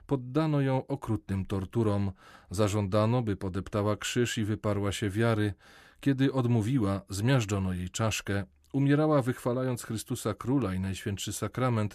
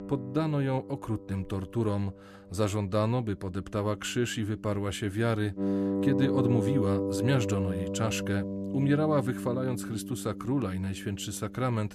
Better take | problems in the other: first | background music; loud; throughout; 2 dB below the speech

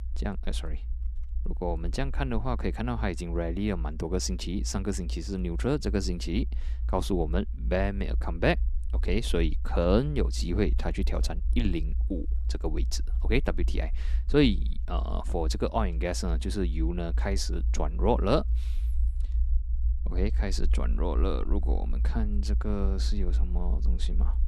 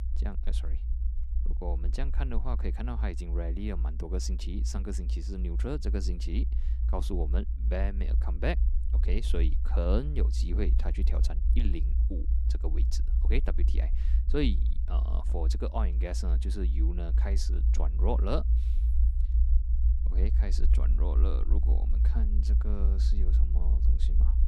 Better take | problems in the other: first | low rumble; loud; throughout; 9 dB below the speech; faint in the first

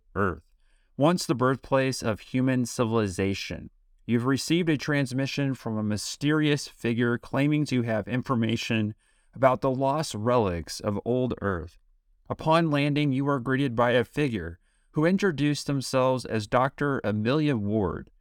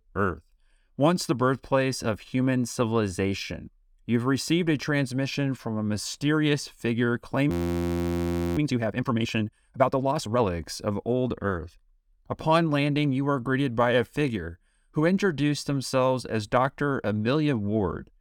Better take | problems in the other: first | audio freezing; at 7.5 s for 1 s

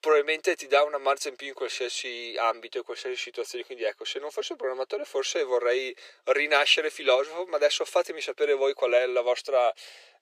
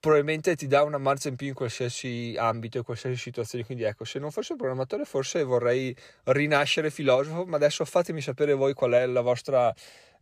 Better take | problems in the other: second | thin; very; fading below 350 Hz

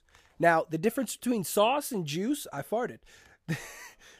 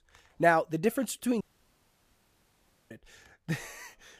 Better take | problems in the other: first | audio cutting out; at 1.5 s for 1.5 s

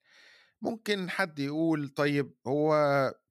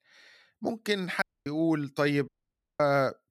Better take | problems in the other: first | audio cutting out; at 1 s and at 2.5 s for 0.5 s

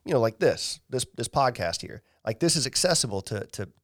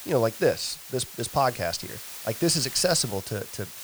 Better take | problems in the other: first | hiss; noticeable; throughout; 10 dB below the speech

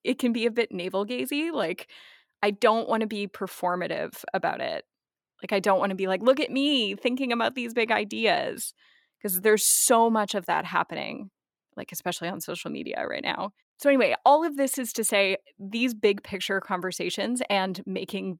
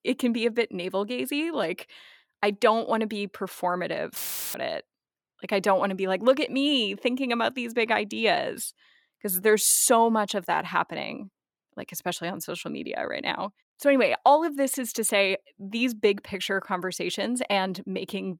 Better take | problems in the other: first | audio cutting out; filled with static; at 4 s

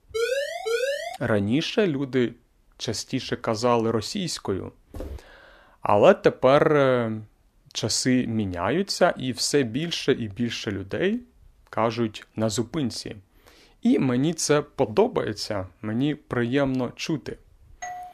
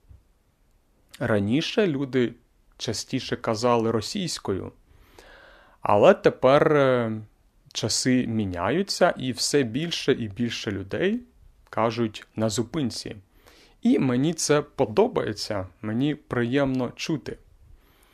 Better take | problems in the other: second | siren; noticeable; until 1 s; peak 2 dB below the speech // footsteps; faint; at 5 s; peak 15 dB below the speech // doorbell; faint; at 18 s; peak 10 dB below the speech

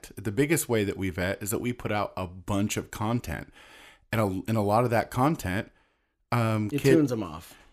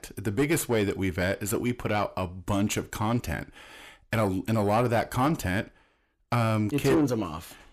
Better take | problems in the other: first | distortion; slight; 10 dB below the speech

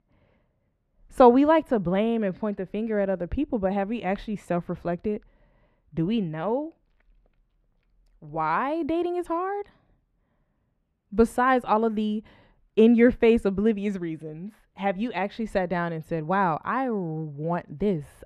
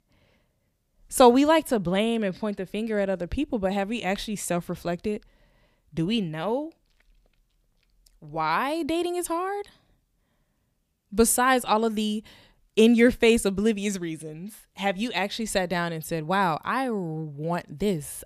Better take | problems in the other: second | muffled; very; fading above 3.5 kHz

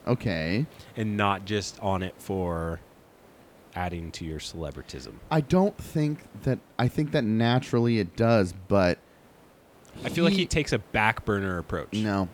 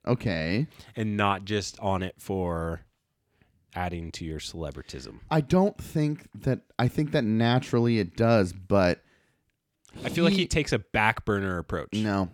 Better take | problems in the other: second | hiss; faint; throughout; 25 dB below the speech

